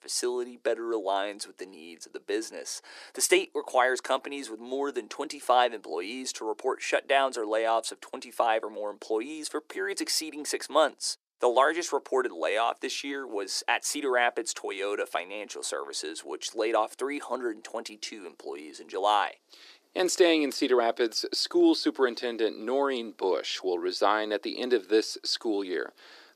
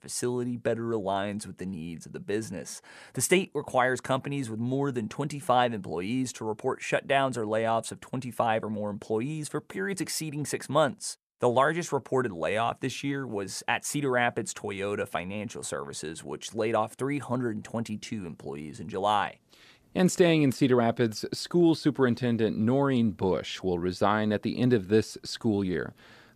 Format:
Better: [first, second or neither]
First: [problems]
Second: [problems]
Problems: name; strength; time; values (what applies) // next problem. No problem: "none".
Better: second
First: thin; somewhat; fading below 300 Hz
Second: none